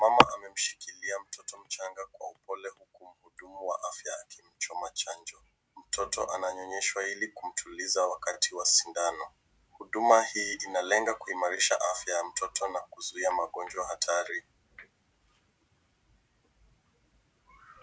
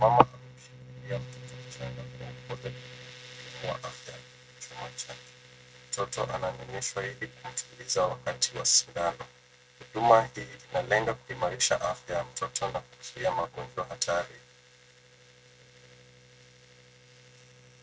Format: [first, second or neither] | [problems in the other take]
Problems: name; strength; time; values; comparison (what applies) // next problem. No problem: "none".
first | noise reduction (neural mask model RNNoise)